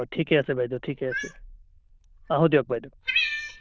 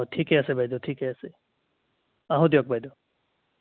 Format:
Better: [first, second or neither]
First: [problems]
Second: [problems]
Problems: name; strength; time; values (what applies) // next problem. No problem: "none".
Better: second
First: noise reduction (neural diffusion model UNIVERSE++)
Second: none